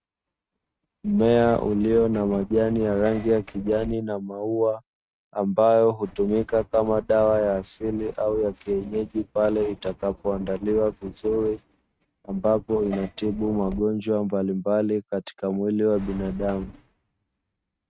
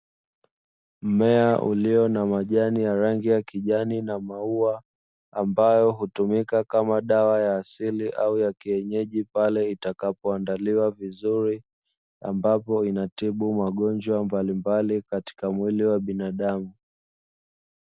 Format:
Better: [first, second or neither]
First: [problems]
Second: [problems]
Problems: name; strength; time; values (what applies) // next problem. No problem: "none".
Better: second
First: noise reduction (neural mask model RNNoise)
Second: none